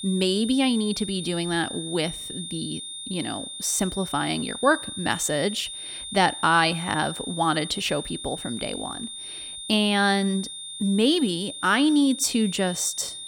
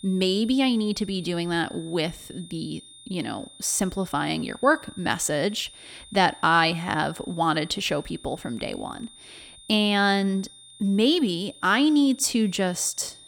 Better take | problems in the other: second | high-pitched whine; loud; throughout; 3.5 kHz, 9 dB below the speech; faint in the second

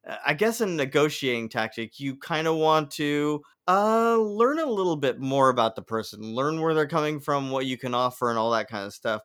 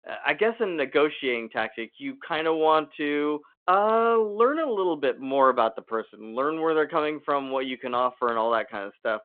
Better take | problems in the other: first | phone-call audio

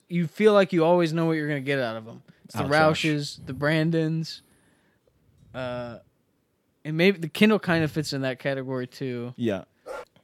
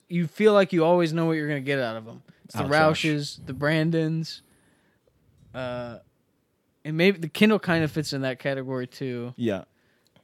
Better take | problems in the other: second | dog barking; faint; at 10 s; peak 15 dB below the speech

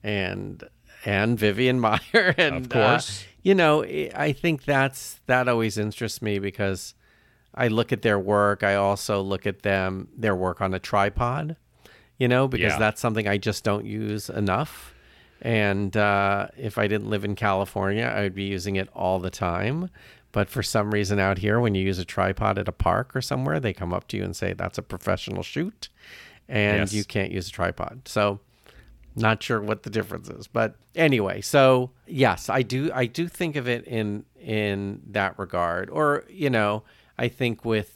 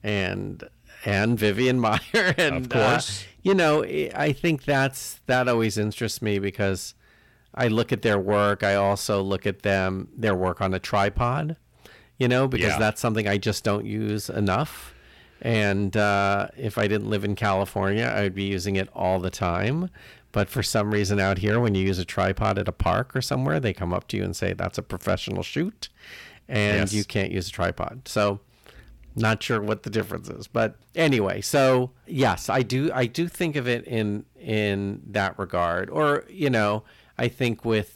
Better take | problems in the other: first | distortion; slight; 10 dB below the speech

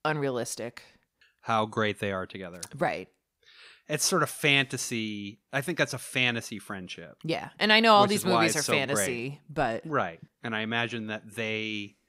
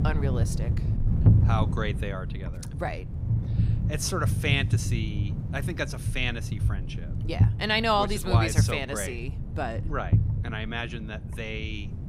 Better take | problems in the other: first | wind noise on the microphone; occasional gusts; 10 dB below the speech

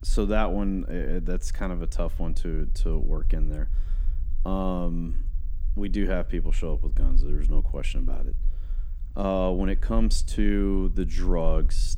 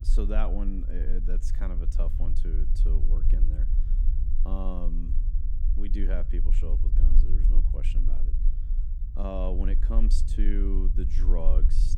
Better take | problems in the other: first | low rumble; loud; throughout; 10 dB below the speech; faint in the first

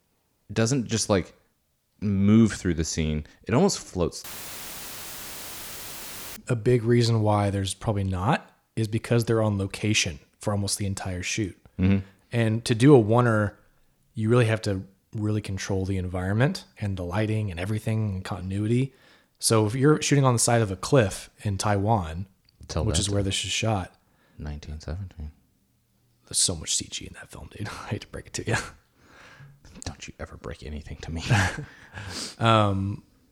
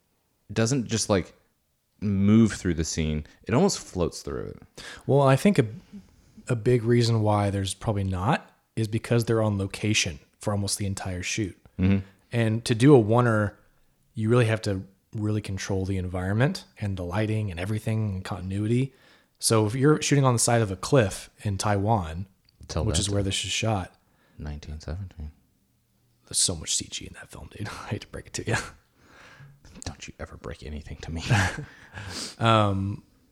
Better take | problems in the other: second | audio cutting out; filled with static; at 4 s for 2 s

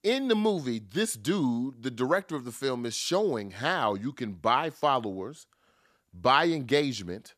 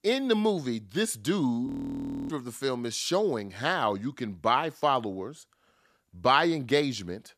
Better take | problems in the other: first | audio freezing; at 1.5 s for 0.5 s

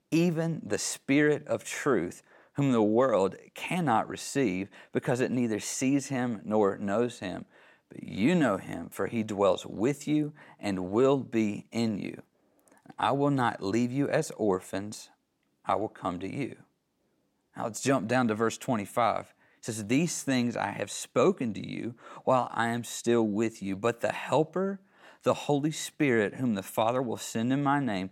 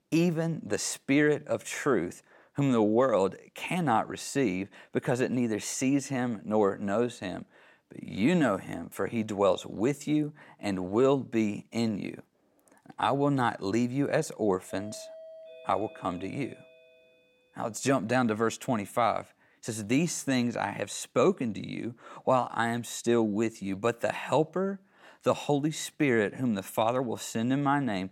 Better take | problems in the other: first | doorbell; faint; from 15 to 17 s; peak 15 dB below the speech

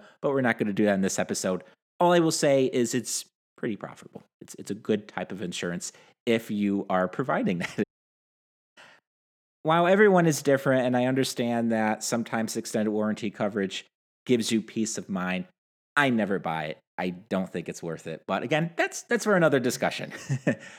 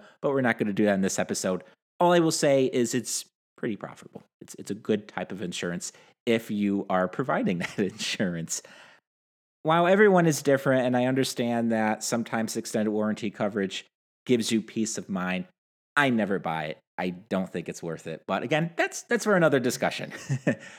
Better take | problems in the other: second | audio cutting out; at 8 s for 1 s

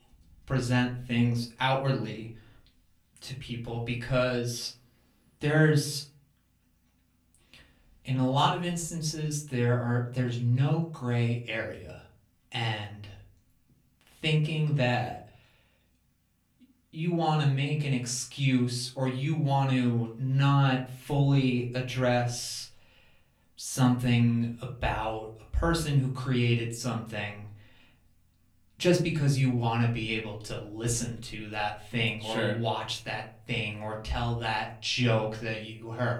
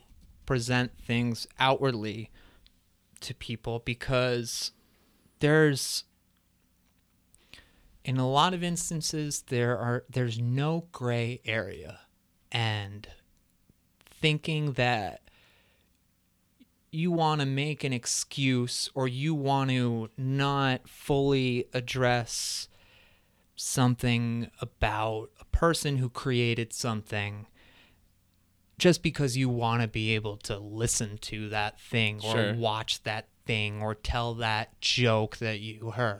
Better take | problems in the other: second | room echo; slight; dies away in 0.4 s // off-mic speech; far

